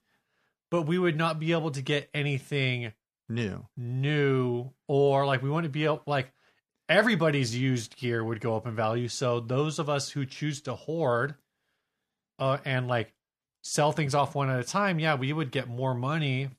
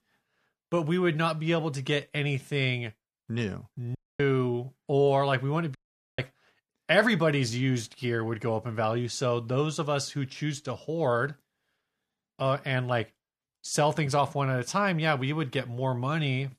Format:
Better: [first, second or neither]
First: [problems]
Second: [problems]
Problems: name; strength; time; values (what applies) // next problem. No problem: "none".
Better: first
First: none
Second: audio cutting out; at 4 s and at 6 s